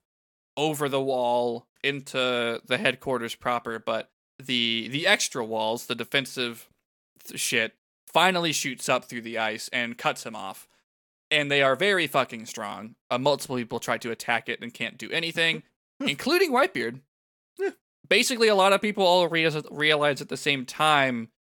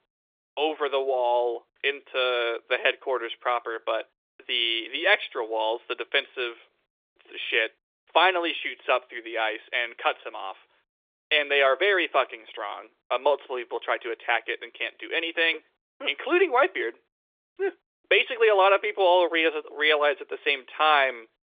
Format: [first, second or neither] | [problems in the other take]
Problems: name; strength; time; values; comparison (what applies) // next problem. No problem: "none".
first | phone-call audio